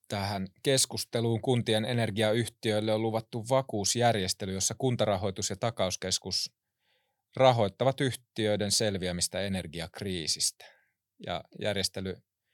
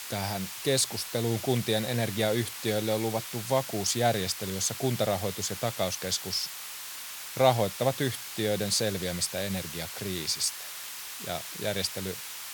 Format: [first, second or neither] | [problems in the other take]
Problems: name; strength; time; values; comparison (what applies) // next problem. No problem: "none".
first | hiss; loud; throughout; 7 dB below the speech